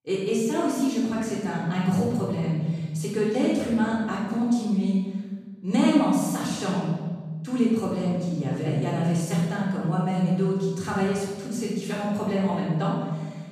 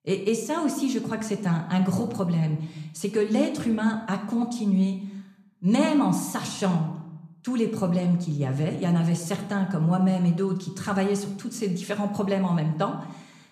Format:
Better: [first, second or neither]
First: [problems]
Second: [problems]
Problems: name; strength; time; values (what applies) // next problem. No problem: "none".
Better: second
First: room echo; strong; dies away in 1.4 s // off-mic speech; far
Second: room echo; slight; dies away in 0.7 s